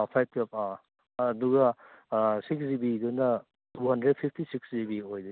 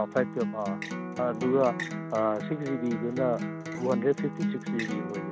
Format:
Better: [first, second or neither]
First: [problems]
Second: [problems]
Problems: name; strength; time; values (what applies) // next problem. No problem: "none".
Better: first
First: none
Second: background sound (Acoustic guitar); 4 dB below the speech